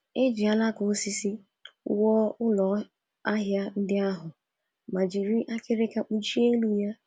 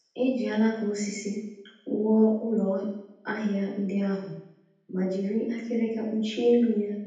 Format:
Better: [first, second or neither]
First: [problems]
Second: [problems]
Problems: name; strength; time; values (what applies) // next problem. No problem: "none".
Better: first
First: none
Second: room echo; dies away in 0.8 s